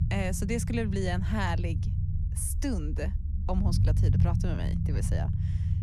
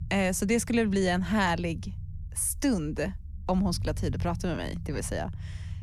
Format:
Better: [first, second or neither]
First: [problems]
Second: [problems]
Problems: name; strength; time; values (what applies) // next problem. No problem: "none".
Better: second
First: low rumble; loud; throughout; 7 dB below the speech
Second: low rumble; faint; throughout; 25 dB below the speech